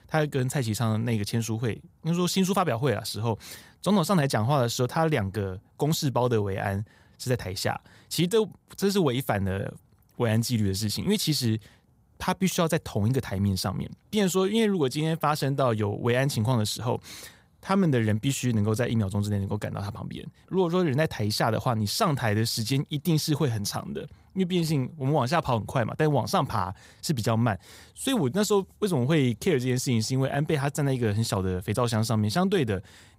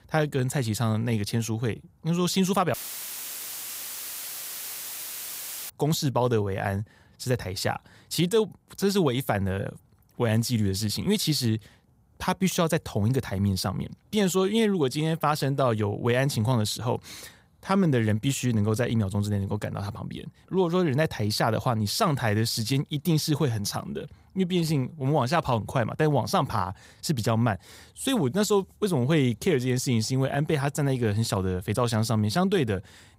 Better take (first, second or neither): first